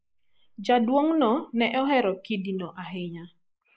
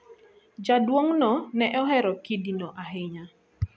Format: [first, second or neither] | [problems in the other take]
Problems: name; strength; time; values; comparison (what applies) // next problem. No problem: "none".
second | noise reduction (neural mask model Resemble Enhance denoiser)